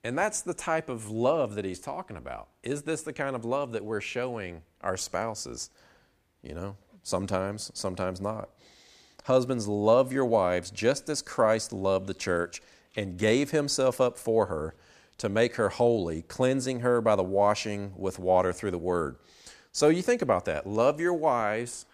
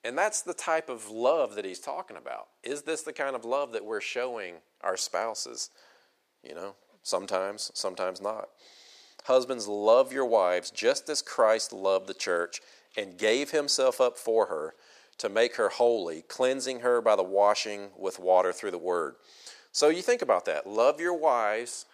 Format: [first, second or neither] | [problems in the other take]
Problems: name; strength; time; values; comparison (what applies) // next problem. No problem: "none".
first | thin; somewhat; fading below 500 Hz